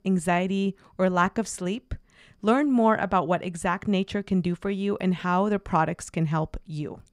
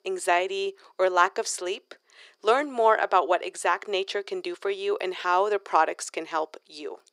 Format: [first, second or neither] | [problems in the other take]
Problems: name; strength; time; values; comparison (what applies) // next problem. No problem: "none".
first | thin; very; fading below 350 Hz